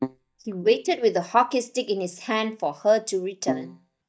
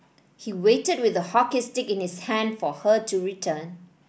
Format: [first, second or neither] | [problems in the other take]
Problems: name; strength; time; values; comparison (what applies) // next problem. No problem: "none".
second | noise reduction (neural mask model DeepFilterNet 3)